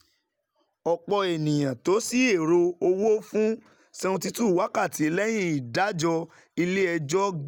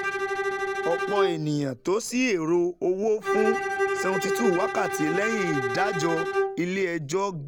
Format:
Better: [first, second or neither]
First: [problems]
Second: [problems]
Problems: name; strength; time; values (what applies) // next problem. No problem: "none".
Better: first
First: none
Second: background sound (Bowed string instrument); 2 dB below the speech